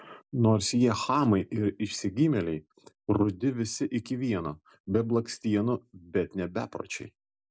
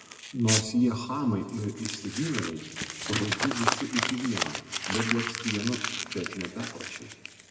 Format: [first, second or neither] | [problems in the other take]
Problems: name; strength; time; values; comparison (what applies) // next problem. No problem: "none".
first | background sound (Crumpling, crinkling); 3 dB below the speech // room echo; dies away in 1.7 s